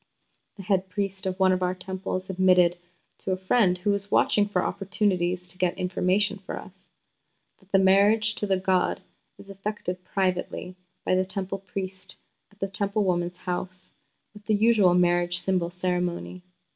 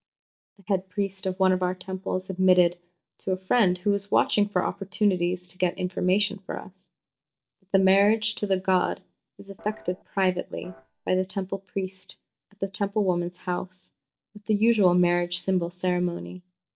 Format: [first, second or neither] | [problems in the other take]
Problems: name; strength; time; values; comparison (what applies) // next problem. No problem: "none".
first | noise reduction (neural mask model DeepFilterNet 3)